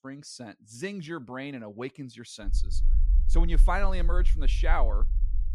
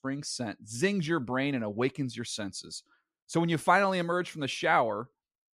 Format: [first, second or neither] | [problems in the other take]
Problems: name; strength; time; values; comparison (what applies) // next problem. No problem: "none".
second | low rumble; noticeable; from 2.5 s on; 20 dB below the speech